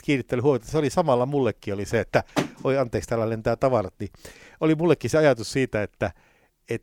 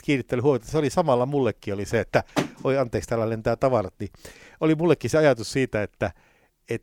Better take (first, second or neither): neither